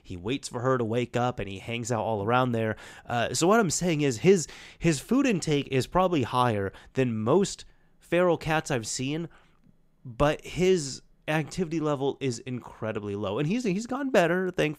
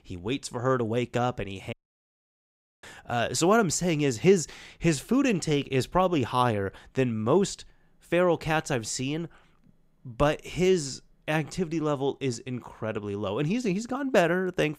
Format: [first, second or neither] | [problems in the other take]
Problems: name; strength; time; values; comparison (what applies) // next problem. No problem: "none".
first | audio cutting out; at 1.5 s for 1 s